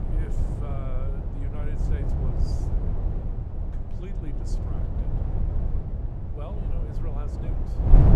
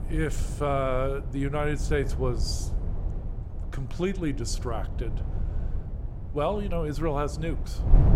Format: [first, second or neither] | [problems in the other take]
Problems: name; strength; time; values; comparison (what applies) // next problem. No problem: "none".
second | wind noise on the microphone; heavy; 4 dB above the speech; occasional gusts in the second